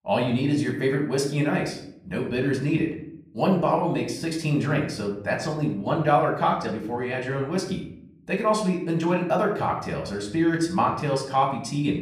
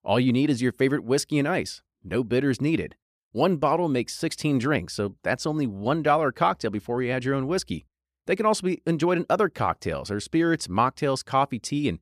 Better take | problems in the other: second | off-mic speech; far // room echo; slight; dies away in 0.5 s

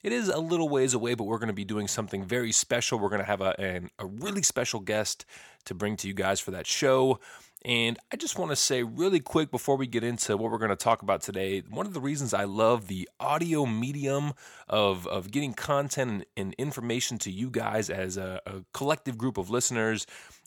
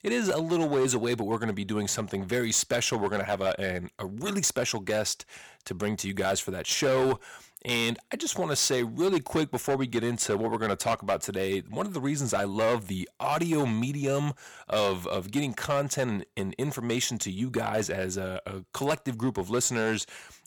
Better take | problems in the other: first | distortion; slight; 5% of the sound clipped

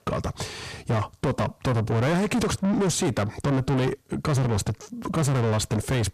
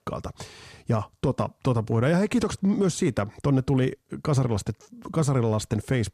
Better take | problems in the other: second | distortion; heavy; 7 dB below the speech

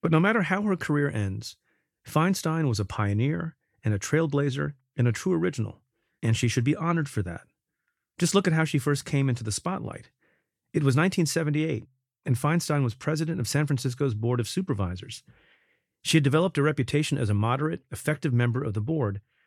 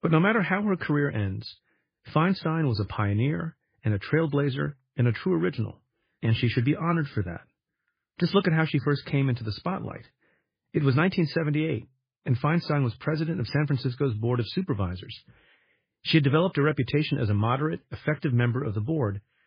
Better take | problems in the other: first | garbled, watery; badly; nothing above 5 kHz

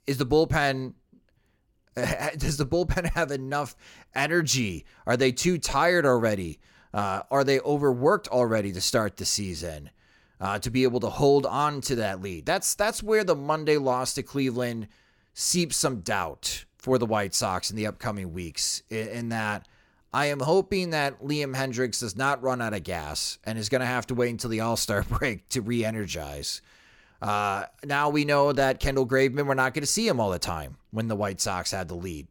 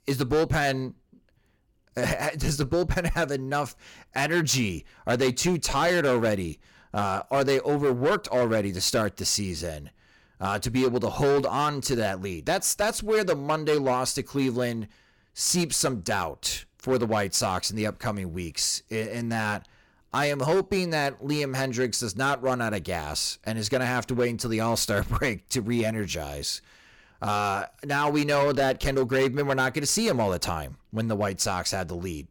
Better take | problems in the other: first | distortion; slight; 6% of the sound clipped

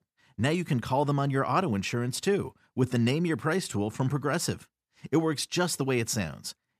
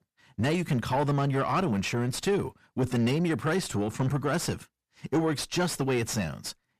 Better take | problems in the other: first | distortion; slight; 9 dB below the speech

